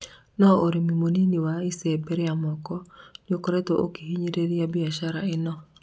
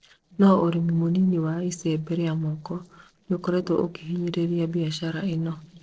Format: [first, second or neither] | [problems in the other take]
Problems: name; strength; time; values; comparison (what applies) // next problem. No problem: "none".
first | noise reduction (neural separator model SepFormer DNS4)